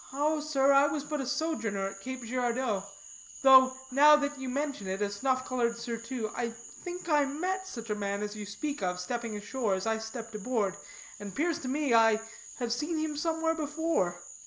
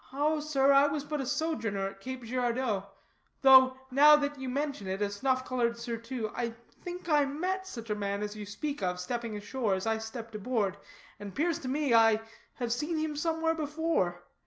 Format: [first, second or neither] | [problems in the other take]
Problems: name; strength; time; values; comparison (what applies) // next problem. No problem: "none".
second | background sound (Frog); 17 dB below the speech